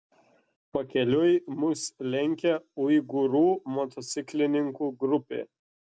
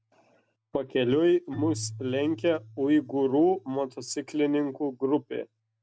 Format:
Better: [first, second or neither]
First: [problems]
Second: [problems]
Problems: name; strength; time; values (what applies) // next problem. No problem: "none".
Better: first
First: none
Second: background sound (Keyboard (musical)); 18 dB below the speech